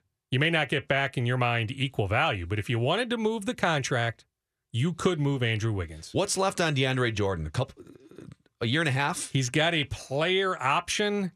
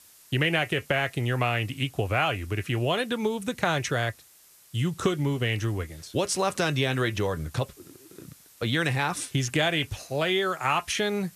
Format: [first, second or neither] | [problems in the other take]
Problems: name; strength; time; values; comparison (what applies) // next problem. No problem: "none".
first | hiss; faint; throughout; 25 dB below the speech